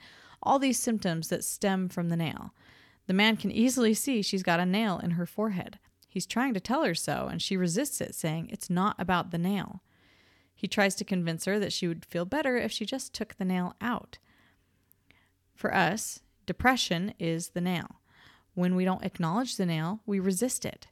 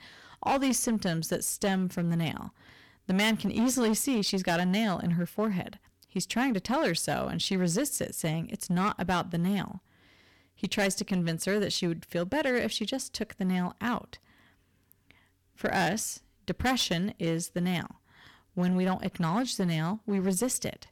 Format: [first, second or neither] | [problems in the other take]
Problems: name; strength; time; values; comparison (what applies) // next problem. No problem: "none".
first | distortion; slight; 7% of the sound clipped